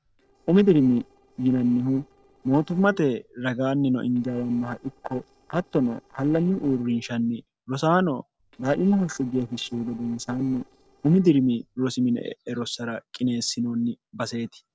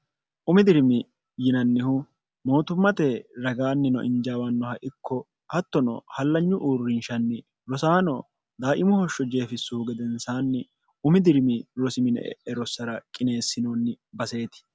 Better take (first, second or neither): second